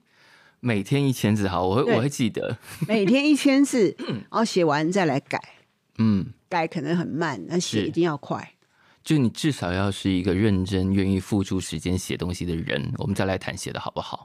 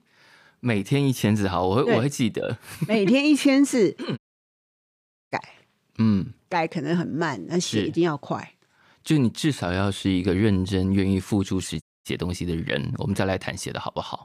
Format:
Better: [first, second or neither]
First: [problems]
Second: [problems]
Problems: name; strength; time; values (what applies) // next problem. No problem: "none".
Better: first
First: none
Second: audio cutting out; at 4 s for 1 s and at 12 s